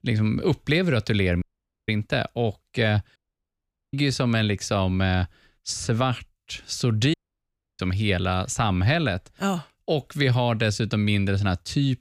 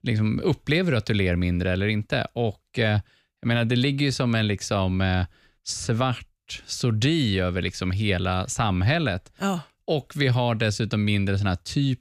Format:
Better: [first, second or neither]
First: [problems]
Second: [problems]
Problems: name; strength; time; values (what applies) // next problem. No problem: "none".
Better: second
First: audio cutting out; at 1.5 s, at 3 s for 1 s and at 7 s for 0.5 s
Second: none